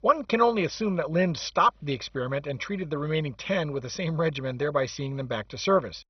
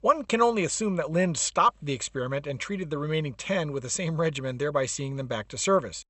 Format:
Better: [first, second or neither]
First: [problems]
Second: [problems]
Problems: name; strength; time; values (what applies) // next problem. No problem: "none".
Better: second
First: garbled, watery; badly; nothing above 6 kHz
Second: garbled, watery; slightly; nothing above 8 kHz